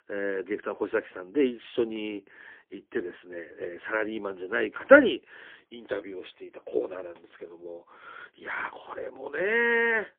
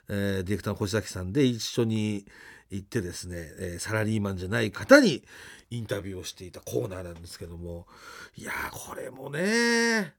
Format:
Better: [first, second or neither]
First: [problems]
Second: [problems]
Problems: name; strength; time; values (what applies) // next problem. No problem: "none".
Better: second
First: phone-call audio; poor line; nothing above 3 kHz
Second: none